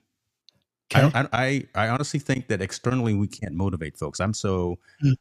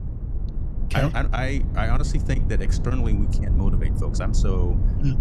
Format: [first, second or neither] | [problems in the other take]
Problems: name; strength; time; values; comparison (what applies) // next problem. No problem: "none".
first | low rumble; loud; throughout; 9 dB below the speech